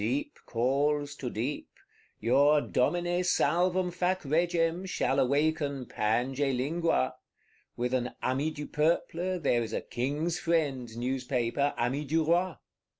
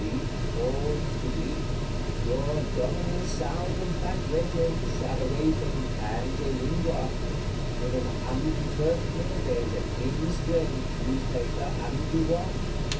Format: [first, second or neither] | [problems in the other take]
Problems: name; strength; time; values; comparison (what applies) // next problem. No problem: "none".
first | background sound (Mechanical fan); 3 dB above the speech // room echo; dies away in 0.3 s